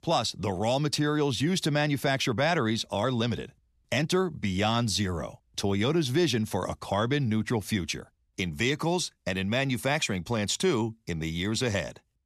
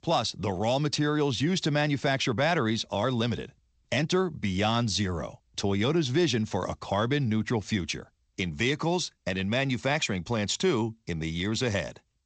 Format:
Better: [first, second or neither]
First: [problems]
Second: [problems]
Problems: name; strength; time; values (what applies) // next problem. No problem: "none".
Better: first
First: none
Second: garbled, watery; slightly; nothing above 8 kHz